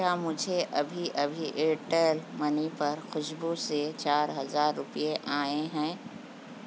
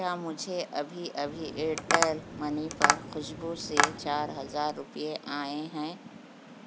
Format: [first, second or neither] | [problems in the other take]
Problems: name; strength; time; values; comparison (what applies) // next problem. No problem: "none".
first | background sound (Tap); 3 dB above the speech